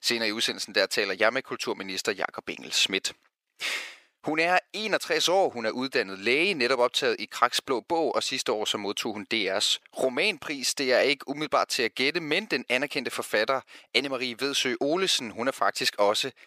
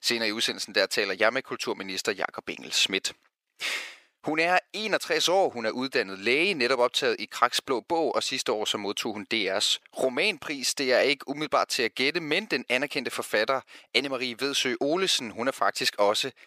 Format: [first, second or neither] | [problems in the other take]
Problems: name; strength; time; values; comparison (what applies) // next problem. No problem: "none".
neither | thin; very; fading below 550 Hz; the same in both